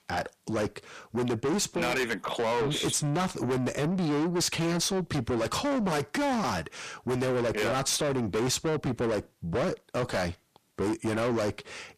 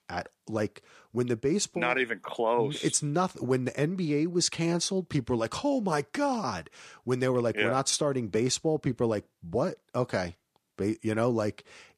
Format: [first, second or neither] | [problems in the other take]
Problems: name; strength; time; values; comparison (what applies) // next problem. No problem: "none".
second | distortion; heavy; 5 dB below the speech